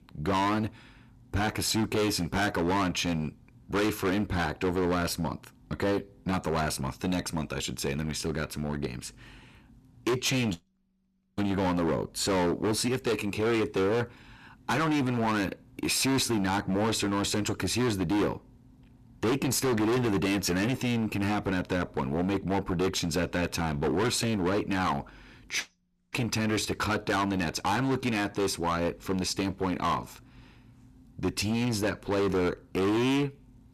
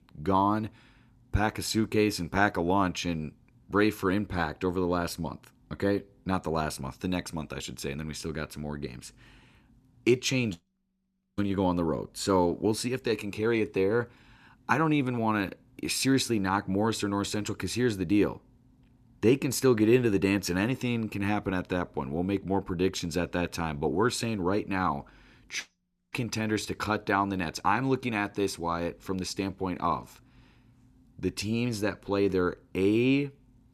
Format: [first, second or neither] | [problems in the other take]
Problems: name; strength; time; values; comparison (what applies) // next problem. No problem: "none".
second | distortion; heavy; 17% of the sound clipped